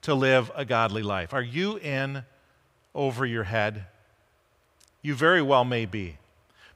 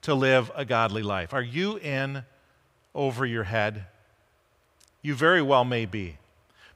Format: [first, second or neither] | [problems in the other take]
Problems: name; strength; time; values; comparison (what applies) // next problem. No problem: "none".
neither | none